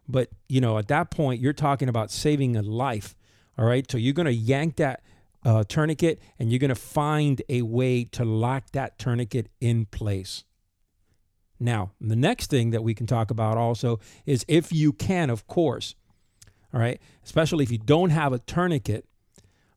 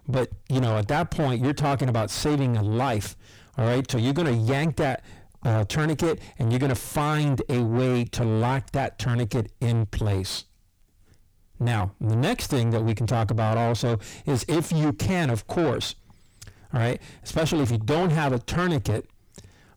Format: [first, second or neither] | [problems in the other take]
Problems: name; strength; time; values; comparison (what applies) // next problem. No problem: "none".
first | distortion; heavy; 5 dB below the speech